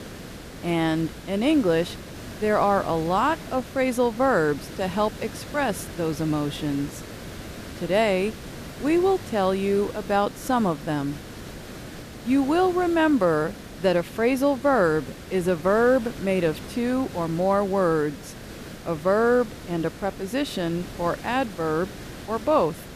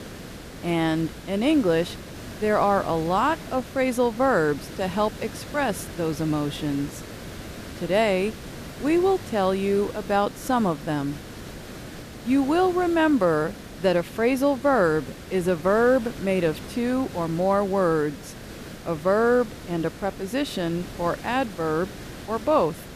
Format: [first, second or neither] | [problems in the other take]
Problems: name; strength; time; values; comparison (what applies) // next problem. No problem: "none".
neither | hiss; noticeable; throughout; 15 dB below the speech; the same in both